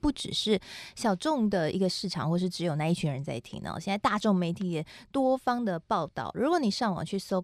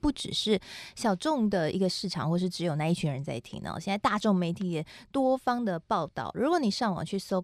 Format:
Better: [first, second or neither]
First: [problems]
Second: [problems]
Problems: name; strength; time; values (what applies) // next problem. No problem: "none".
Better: neither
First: none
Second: none